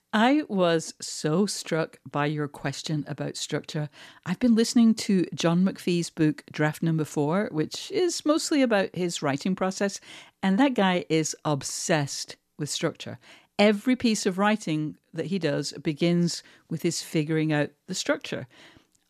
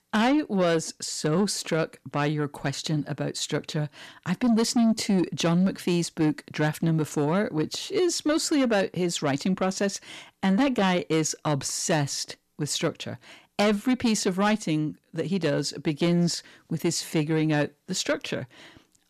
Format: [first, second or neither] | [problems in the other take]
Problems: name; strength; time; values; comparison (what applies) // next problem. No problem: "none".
first | distortion; slight; 10 dB below the speech